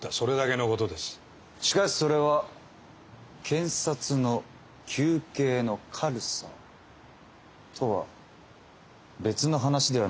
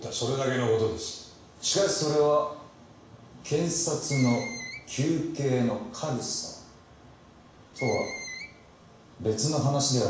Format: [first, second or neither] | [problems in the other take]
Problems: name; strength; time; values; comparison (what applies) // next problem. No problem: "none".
first | background sound (Screech); 14 dB below the speech // room echo; dies away in 0.7 s